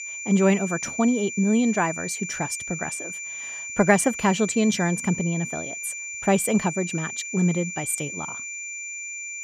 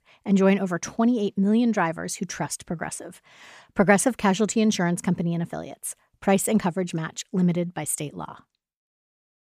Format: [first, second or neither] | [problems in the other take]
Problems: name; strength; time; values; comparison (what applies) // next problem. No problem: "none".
second | high-pitched whine; loud; throughout; 2.5 kHz, 7 dB below the speech